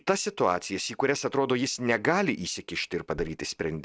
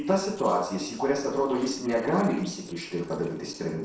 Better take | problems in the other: first | noise reduction (neural separator model SepFormer DNS4)

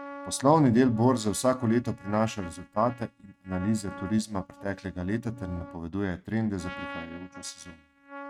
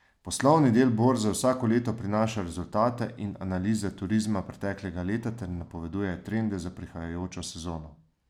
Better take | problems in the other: second | noise reduction (neural mask model RNNoise)

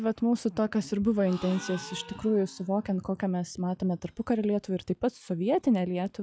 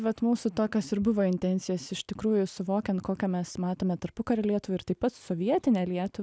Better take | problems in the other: second | noise reduction (classical method log-MMSE)

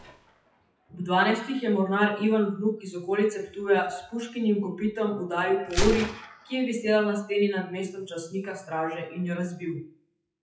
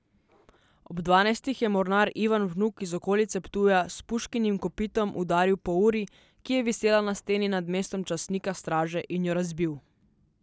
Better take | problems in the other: second | noise reduction (classical method WPE with log-MMSE)

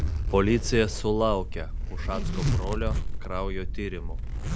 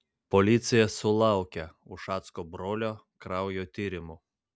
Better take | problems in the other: second | background sound (Zipper (clothing)); 1 dB above the speech

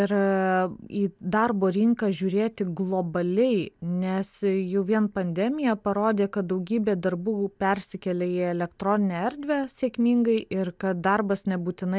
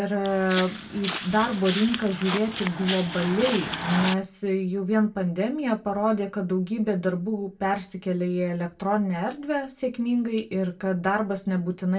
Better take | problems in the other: first | background sound (Walk, footsteps); 7 dB below the speech // room echo; dies away in 0.2 s

